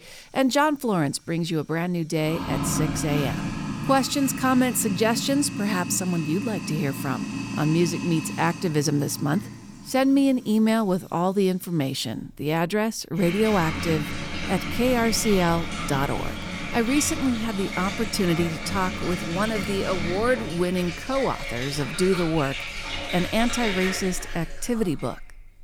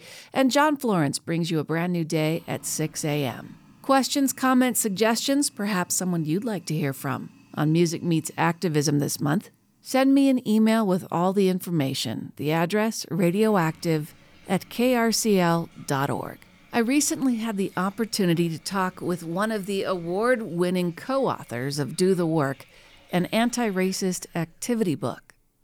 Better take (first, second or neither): second